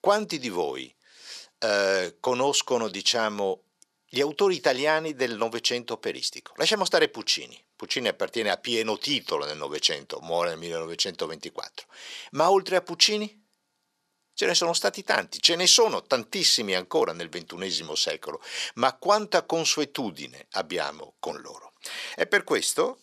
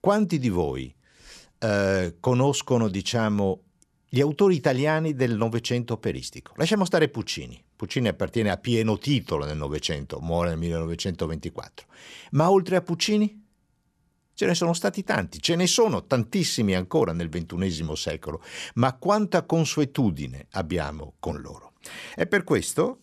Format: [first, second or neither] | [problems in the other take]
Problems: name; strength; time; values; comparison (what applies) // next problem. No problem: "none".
second | thin; somewhat; fading below 450 Hz